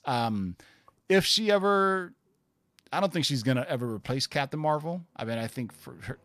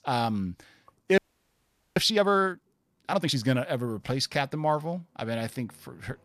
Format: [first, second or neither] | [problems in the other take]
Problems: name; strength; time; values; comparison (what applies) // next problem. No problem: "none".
first | audio freezing; at 1 s for 1 s